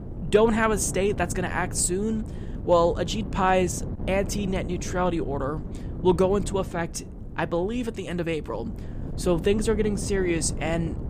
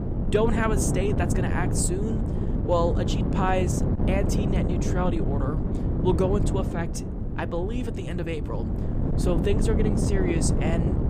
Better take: first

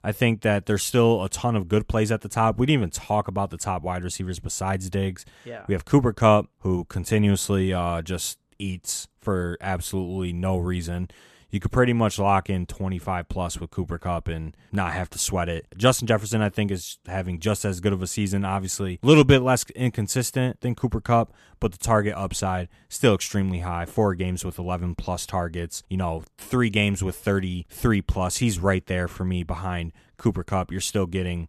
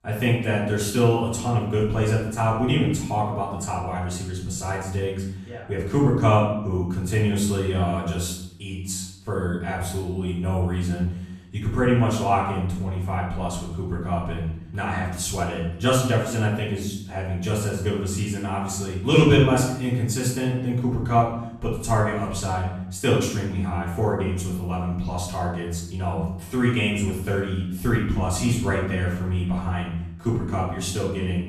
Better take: first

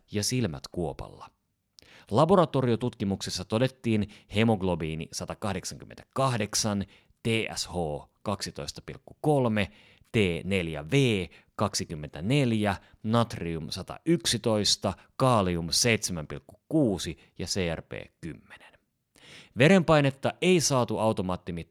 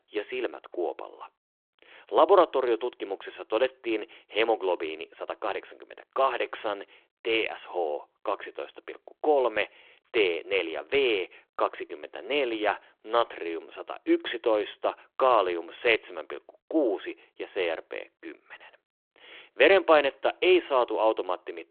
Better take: first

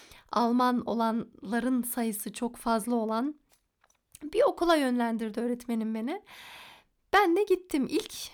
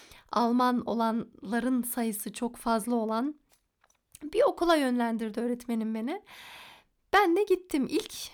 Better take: neither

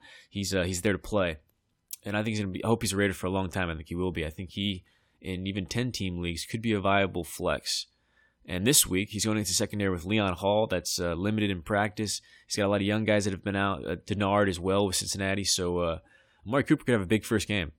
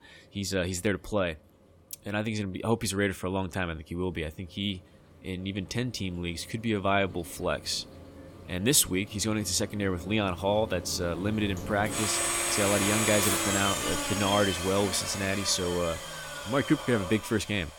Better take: first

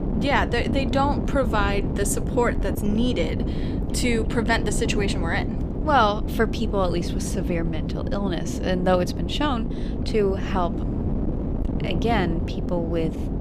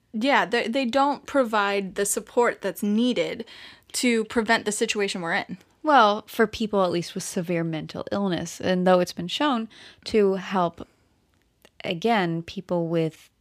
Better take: second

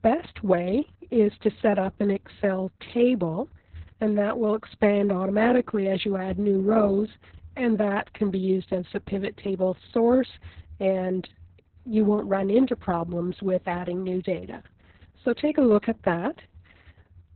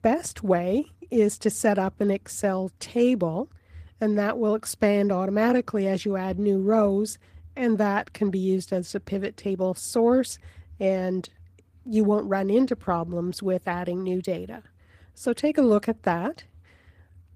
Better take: second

